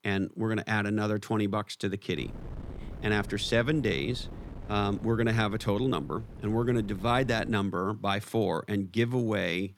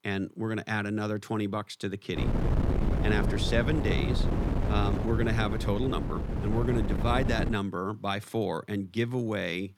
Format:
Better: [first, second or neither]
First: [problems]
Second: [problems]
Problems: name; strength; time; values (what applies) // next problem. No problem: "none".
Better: first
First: wind noise on the microphone; occasional gusts; from 2 to 7.5 s; 20 dB below the speech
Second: wind noise on the microphone; heavy; from 2 to 7.5 s; 5 dB below the speech